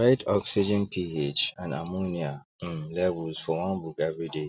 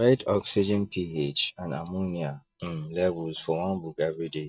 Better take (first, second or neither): first